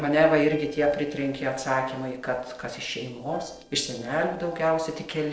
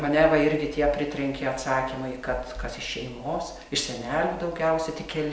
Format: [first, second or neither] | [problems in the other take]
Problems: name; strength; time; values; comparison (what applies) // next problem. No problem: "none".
second | noise reduction (neural separator model SepFormer DNS4)